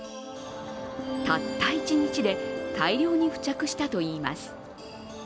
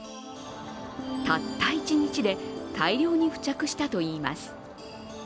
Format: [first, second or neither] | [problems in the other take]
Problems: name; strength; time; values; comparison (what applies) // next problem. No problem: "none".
second | background sound (Wind instrument, woodwind instrument); 9 dB below the speech